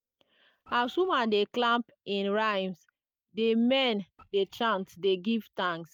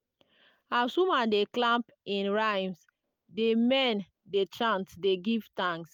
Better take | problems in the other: second | noise reduction (neural mask model DeepFilterNet 3)

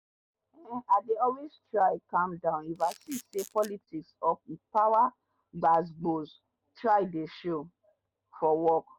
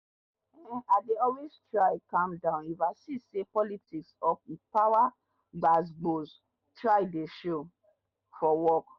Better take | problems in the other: second | background sound (Camera); 18 dB below the speech

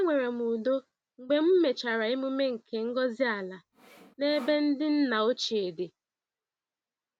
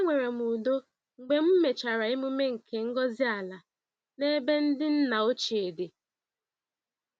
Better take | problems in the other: second | background sound (Sawing); 20 dB below the speech

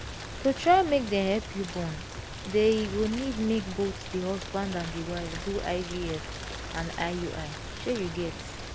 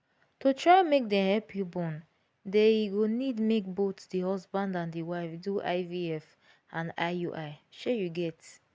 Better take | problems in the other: second | background sound (Rain); 8 dB below the speech

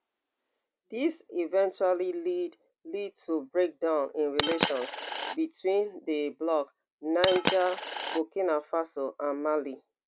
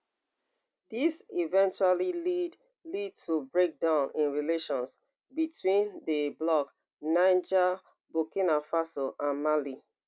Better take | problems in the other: second | background sound (Coin (dropping)); 2 dB below the speech

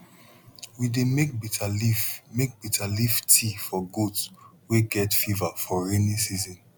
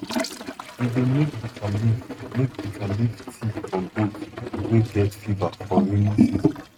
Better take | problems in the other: first | noise reduction (neural mask model RNNoise)

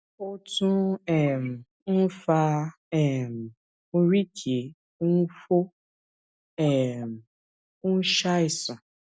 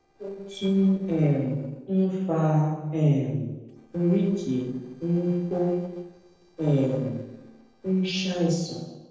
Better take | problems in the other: first | noise reduction (neural separator model SepFormer DNS4)

